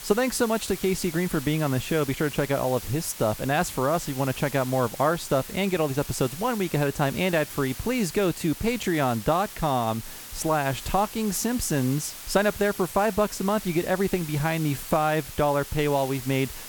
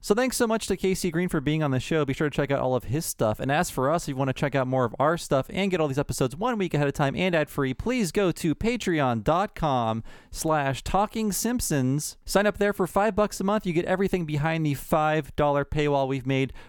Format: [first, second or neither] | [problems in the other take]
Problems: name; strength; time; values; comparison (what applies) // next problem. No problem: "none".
second | hiss; noticeable; throughout; 10 dB below the speech